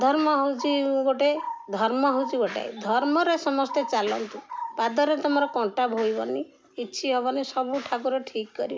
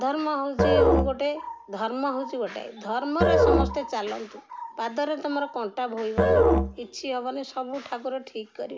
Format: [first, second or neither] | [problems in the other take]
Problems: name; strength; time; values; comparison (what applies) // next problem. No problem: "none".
first | background sound (Musical instrument); 3 dB above the speech